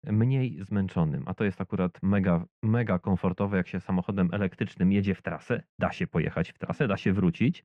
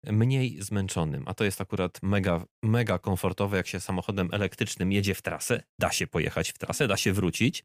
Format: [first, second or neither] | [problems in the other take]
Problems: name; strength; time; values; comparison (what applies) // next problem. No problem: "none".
second | muffled; very; fading above 1.5 kHz